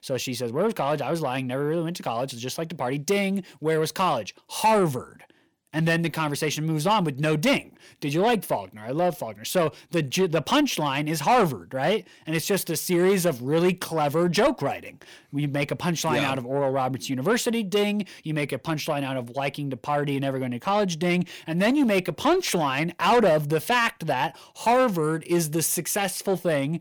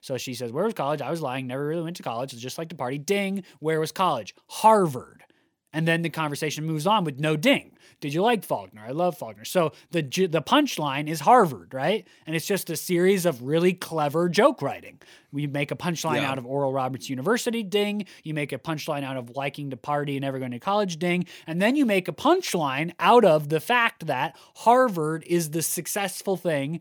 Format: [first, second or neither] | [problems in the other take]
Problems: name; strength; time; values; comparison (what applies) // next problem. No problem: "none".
second | distortion; slight; 10 dB below the speech